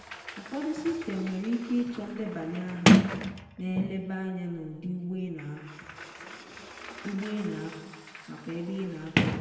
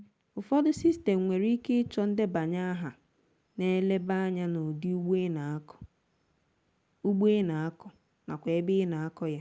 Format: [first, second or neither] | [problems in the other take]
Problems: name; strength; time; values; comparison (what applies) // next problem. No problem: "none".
second | background sound (Sliding door); 3 dB above the speech // room echo; dies away in 1.2 s